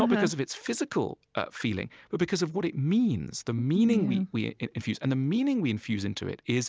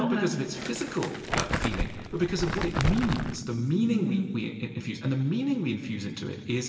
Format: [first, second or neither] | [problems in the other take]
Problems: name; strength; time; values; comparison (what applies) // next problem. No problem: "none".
first | background sound (Crumpling, crinkling); 3 dB below the speech // room echo; dies away in 2.3 s